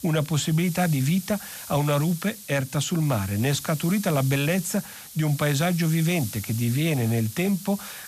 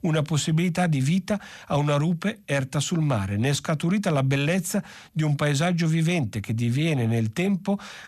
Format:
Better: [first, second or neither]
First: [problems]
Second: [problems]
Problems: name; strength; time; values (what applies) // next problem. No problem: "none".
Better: second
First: hiss; noticeable; throughout; 10 dB below the speech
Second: none